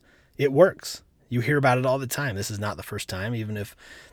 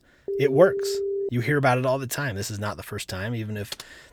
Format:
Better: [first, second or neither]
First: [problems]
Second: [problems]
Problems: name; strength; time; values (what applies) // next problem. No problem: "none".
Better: first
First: none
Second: phone ringing; noticeable; until 1.5 s; peak 2 dB below the speech // keyboard typing; faint; at 3.5 s; peak 15 dB below the speech